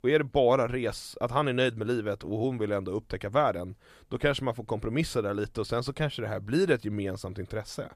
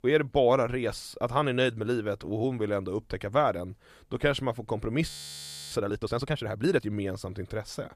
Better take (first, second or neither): first